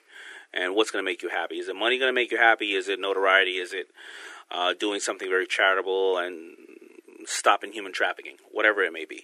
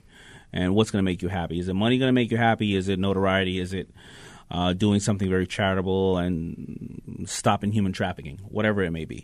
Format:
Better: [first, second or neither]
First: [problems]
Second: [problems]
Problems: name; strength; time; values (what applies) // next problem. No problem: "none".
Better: second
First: thin; very; fading below 300 Hz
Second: none